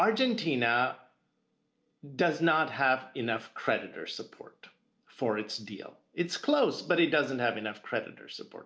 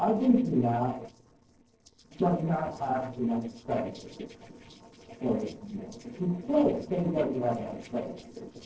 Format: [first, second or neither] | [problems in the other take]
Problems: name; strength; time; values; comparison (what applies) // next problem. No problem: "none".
first | noise reduction (neural separator model SepFormer DNS4)